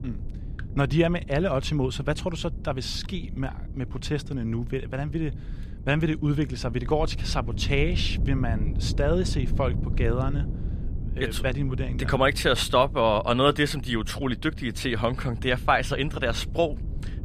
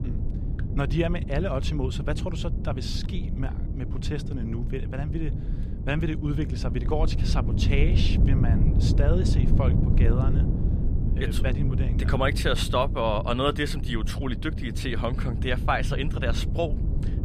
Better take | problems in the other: first | wind noise on the microphone; heavy; 9 dB below the speech; occasional gusts in the first

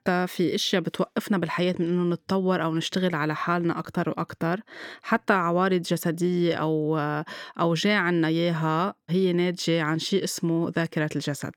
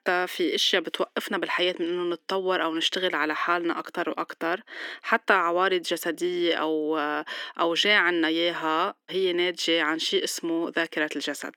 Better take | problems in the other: first | thin; somewhat; fading below 250 Hz

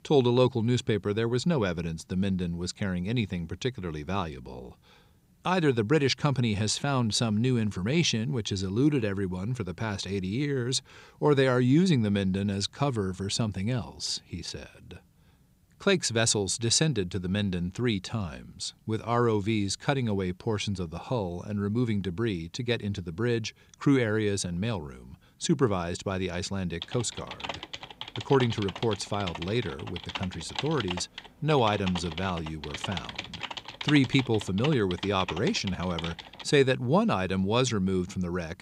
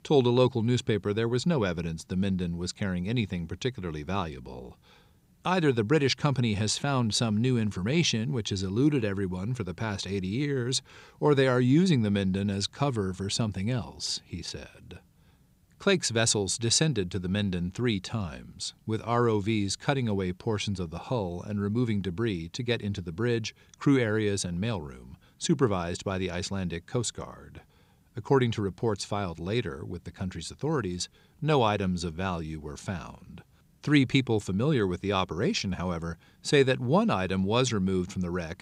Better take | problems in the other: second | keyboard typing; noticeable; from 27 to 36 s; peak 6 dB below the speech

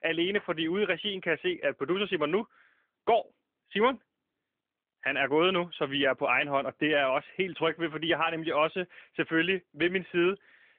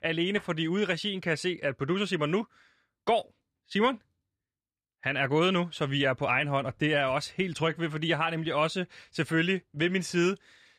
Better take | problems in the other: second | phone-call audio; nothing above 3.5 kHz

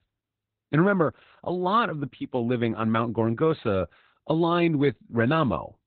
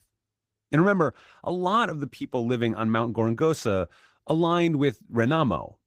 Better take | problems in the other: second | garbled, watery; badly; nothing above 4 kHz; slightly in the second

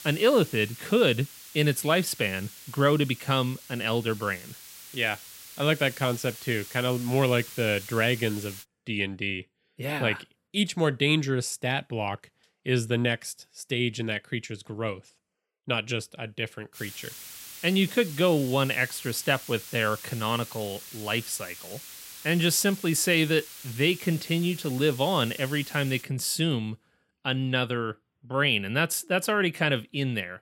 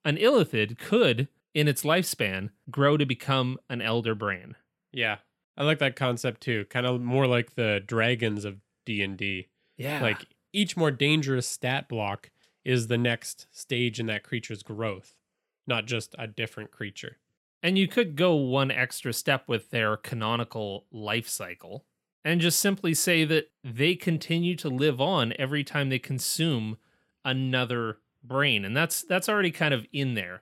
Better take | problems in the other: second | hiss; noticeable; until 8.5 s and from 17 to 26 s; 15 dB below the speech

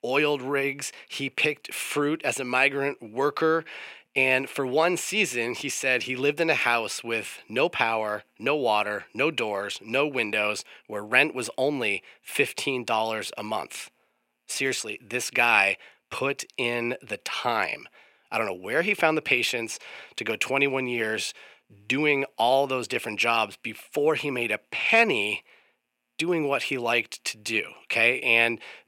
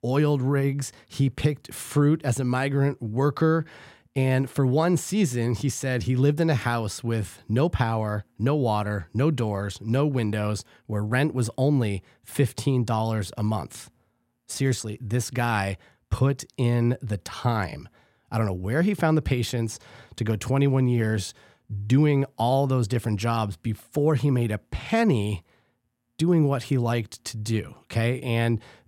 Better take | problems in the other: second | thin; very; fading below 450 Hz

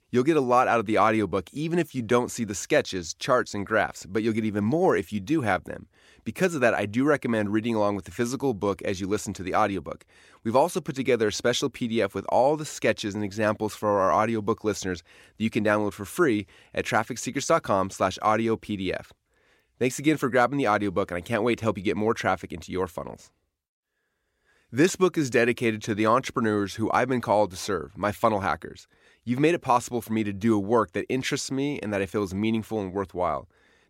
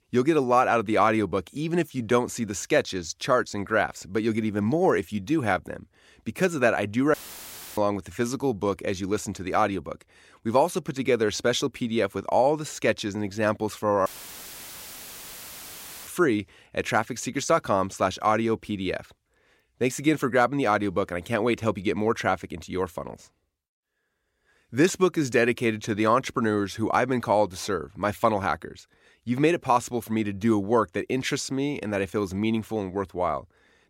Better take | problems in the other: first | audio cutting out; filled with static; at 7 s for 0.5 s and at 14 s for 2 s

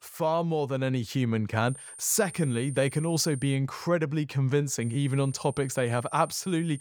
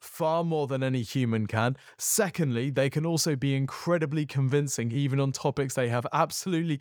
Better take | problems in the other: second | high-pitched whine; noticeable; from 1.5 to 3.5 s and from 5 s on; 9 kHz, 15 dB below the speech

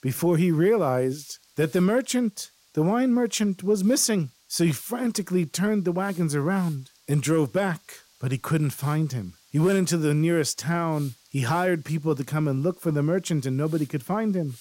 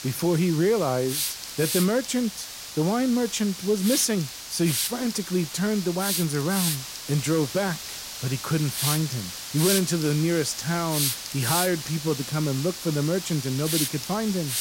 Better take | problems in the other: first | hiss; loud; throughout; 4 dB below the speech; faint in the first

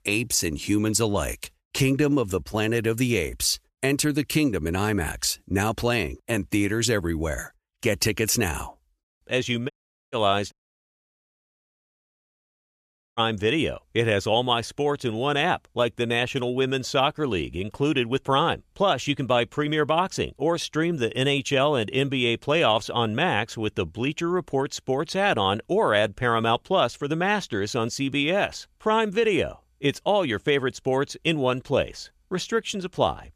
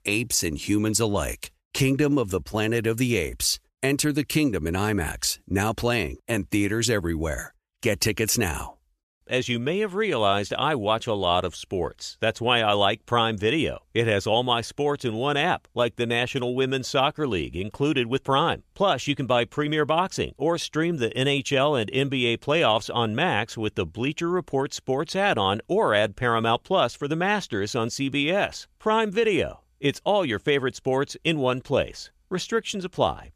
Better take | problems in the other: second | audio cutting out; at 9.5 s and at 11 s for 2.5 s

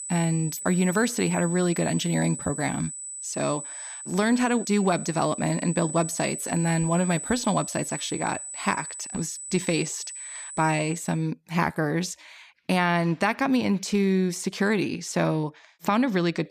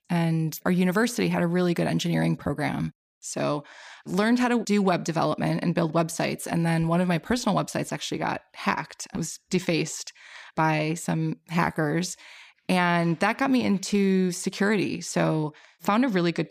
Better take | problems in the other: second | high-pitched whine; loud; until 11 s; 8 kHz, 8 dB below the speech

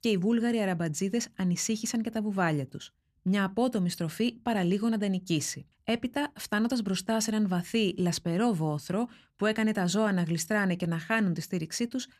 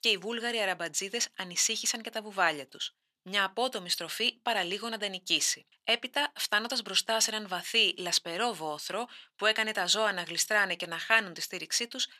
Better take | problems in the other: first | thin; very; fading below 650 Hz

